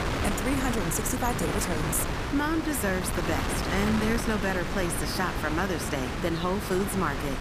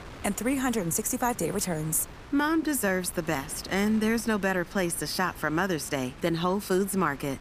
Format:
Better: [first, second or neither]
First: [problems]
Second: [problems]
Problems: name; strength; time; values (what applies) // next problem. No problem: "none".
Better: second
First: wind noise on the microphone; heavy; 1 dB below the speech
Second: wind noise on the microphone; occasional gusts; 20 dB below the speech